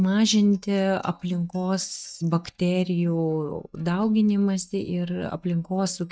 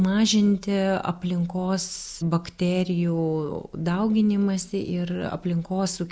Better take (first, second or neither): second